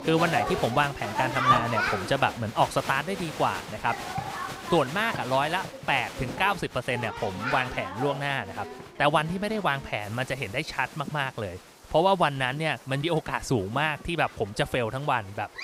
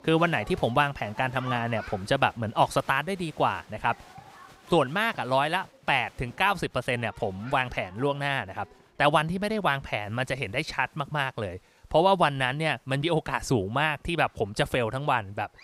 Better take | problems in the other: second | crowd noise; loud; throughout; 5 dB below the speech; faint in the second

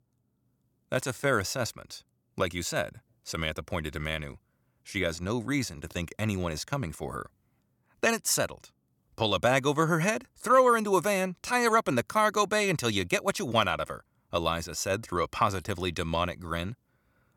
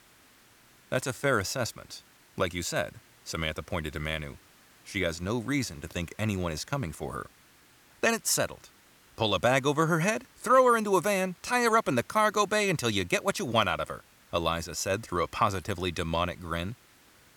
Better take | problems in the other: first | hiss; faint; throughout; 30 dB below the speech

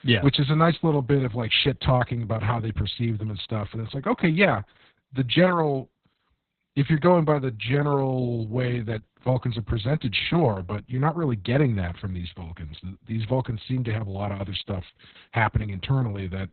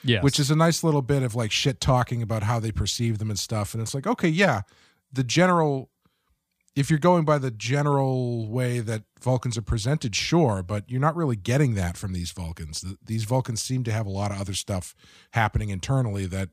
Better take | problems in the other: second | garbled, watery; badly; nothing above 4 kHz

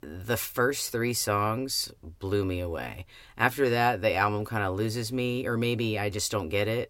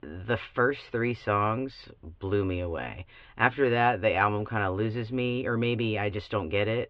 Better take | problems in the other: first | muffled; very; fading above 3 kHz

